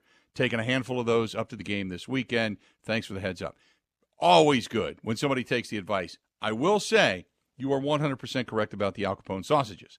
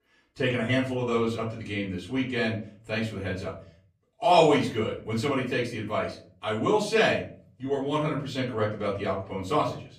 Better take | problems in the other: first | off-mic speech; far // room echo; slight; dies away in 0.4 s

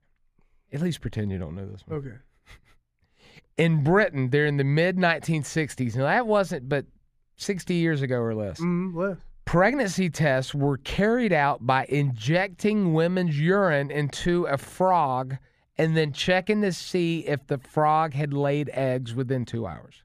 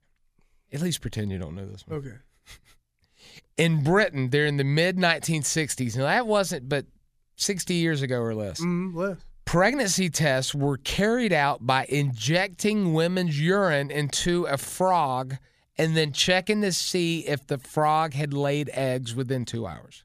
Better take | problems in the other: second | muffled; slightly; fading above 3 kHz

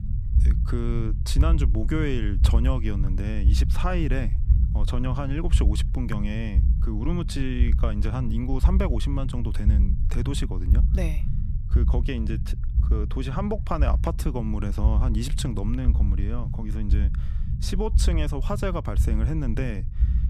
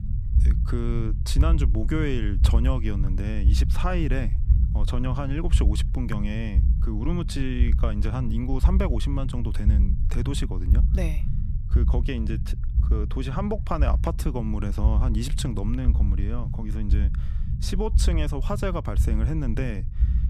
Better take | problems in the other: neither | low rumble; loud; throughout; 9 dB below the speech; the same in both

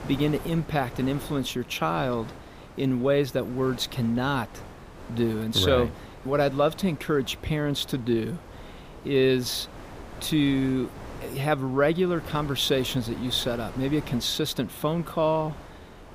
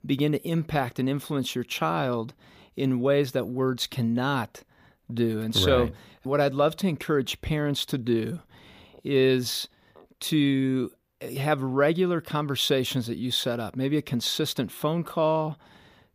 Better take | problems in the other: second | wind noise on the microphone; occasional gusts; 15 dB below the speech

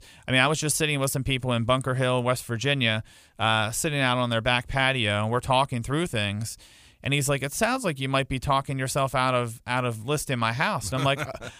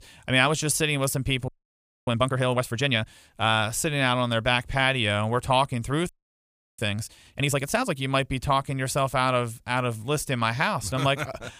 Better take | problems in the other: first | audio freezing; at 1.5 s for 0.5 s and at 6 s for 0.5 s

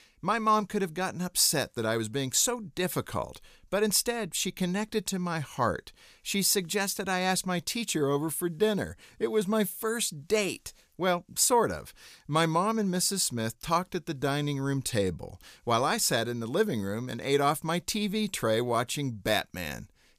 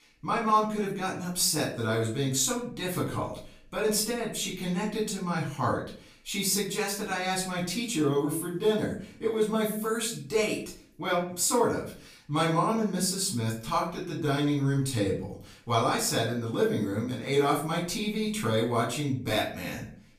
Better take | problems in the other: first | off-mic speech; far // room echo; slight; dies away in 0.4 s

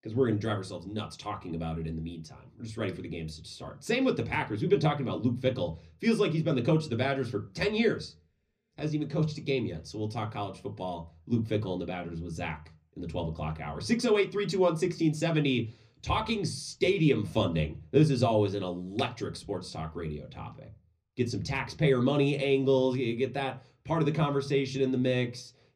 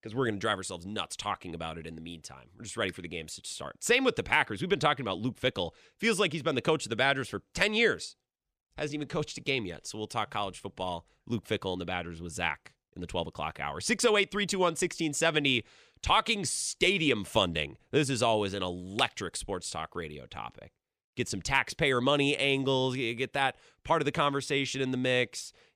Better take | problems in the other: second | room echo; very slight; dies away in 0.4 s // off-mic speech; somewhat distant

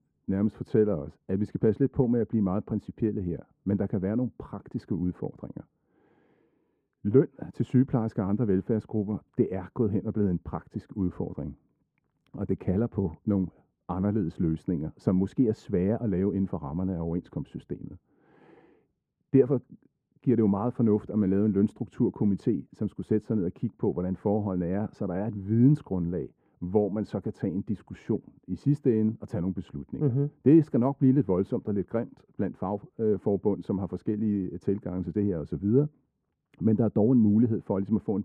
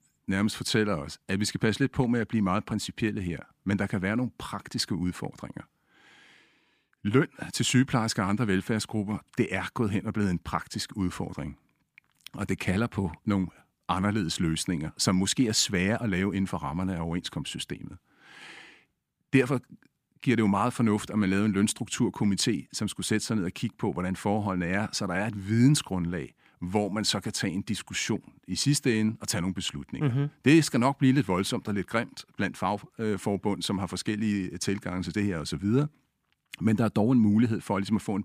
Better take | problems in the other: second | muffled; very; fading above 1.5 kHz

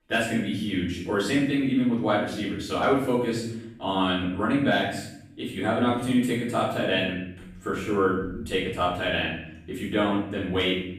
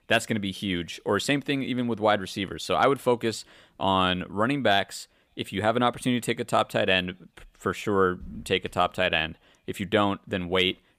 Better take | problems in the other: second | off-mic speech; far // room echo; noticeable; dies away in 0.9 s

